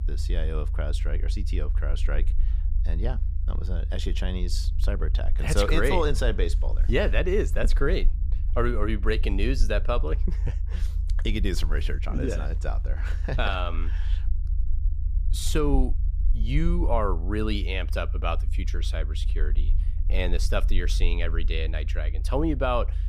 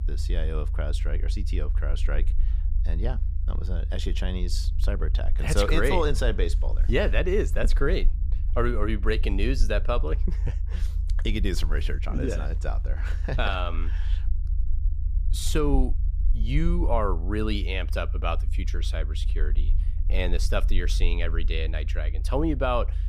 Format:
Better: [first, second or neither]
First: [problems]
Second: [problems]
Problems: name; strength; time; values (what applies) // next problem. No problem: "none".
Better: neither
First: low rumble; noticeable; throughout; 20 dB below the speech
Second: low rumble; noticeable; throughout; 20 dB below the speech